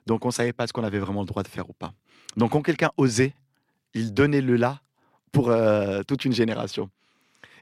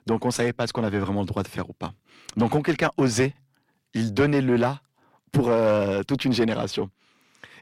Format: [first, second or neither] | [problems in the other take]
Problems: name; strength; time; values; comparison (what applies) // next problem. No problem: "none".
first | distortion; slight; 10 dB below the speech